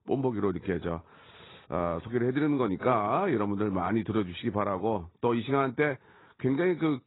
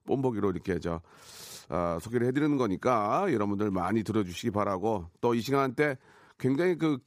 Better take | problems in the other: second | garbled, watery; badly; nothing above 4 kHz

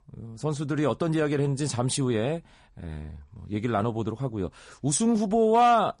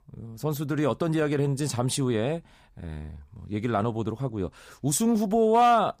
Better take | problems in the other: second | garbled, watery; slightly; nothing above 10 kHz

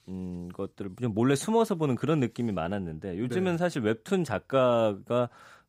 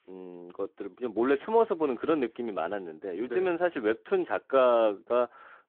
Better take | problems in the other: first | phone-call audio

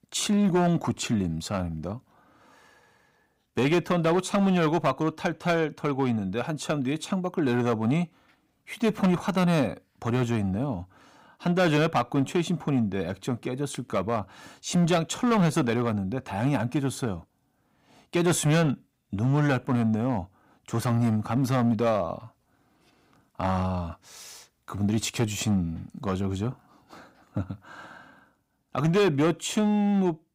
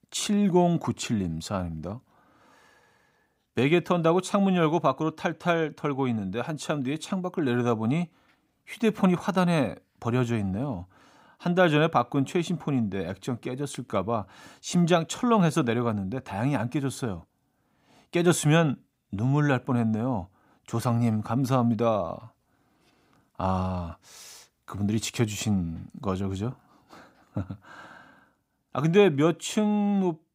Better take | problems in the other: second | distortion; slight; 5% of the sound clipped

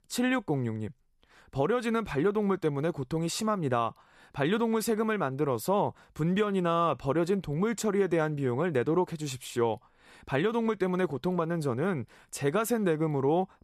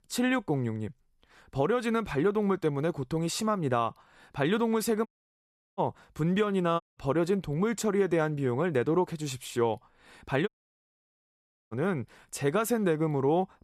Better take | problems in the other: first | audio cutting out; at 5 s for 0.5 s, at 7 s and at 10 s for 1 s

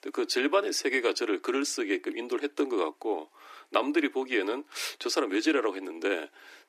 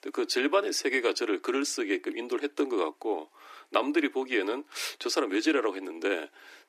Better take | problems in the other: neither | thin; somewhat; fading below 300 Hz; the same in both

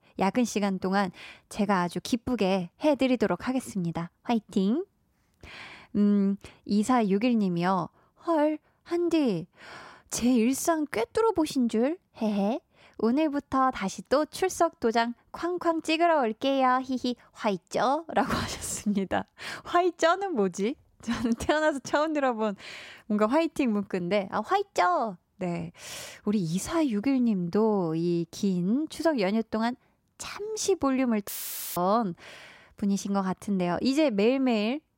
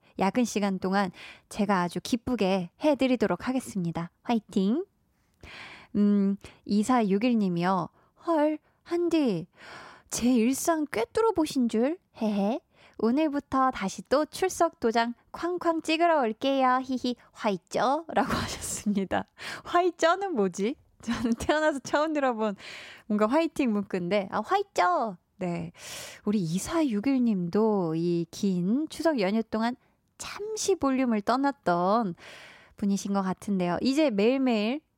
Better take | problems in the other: second | audio cutting out; filled with static; at 31 s

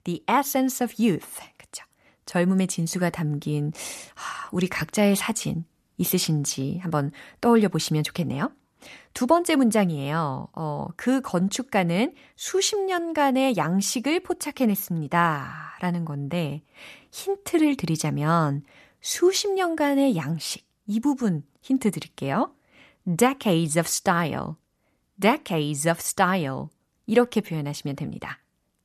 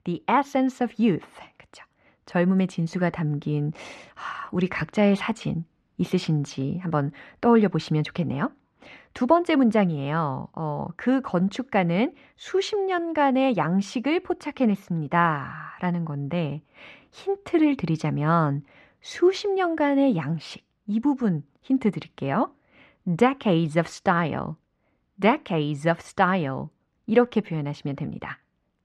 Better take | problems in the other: first | muffled; slightly; fading above 3 kHz

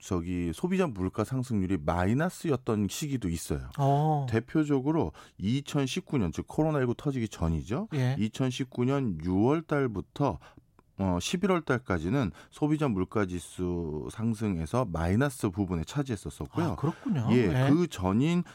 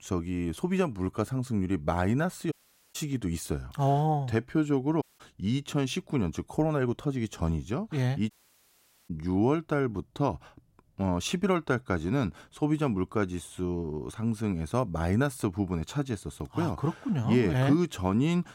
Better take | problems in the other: first | audio cutting out; at 2.5 s, at 5 s and at 8.5 s for 1 s

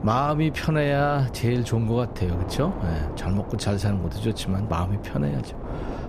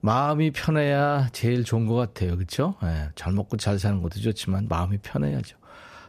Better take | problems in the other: second | wind noise on the microphone; occasional gusts; 10 dB below the speech

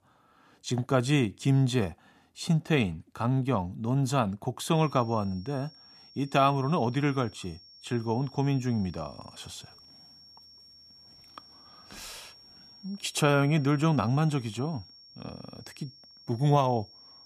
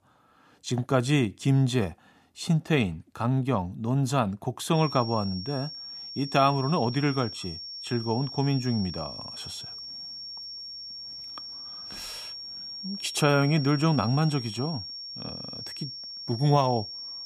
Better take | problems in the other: first | high-pitched whine; loud; from 5 s on; 5.5 kHz, 10 dB below the speech; faint in the first

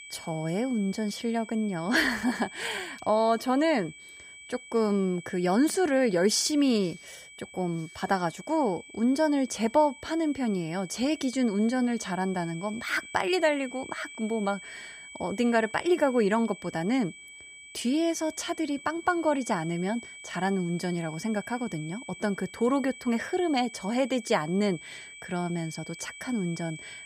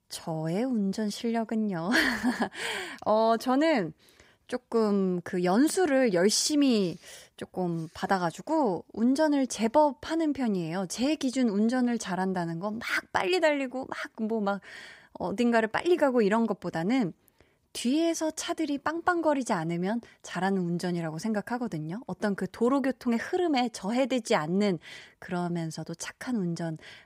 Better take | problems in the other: second | high-pitched whine; noticeable; throughout; 2.5 kHz, 15 dB below the speech

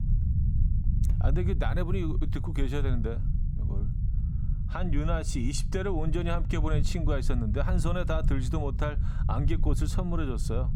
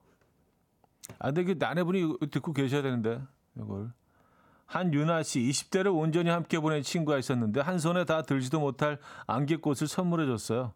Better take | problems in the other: second | low rumble; noticeable; throughout; 10 dB below the speech

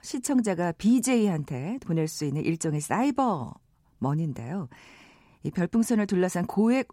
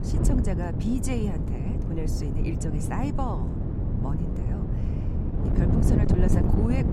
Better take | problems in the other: first | wind noise on the microphone; heavy; as loud as the speech

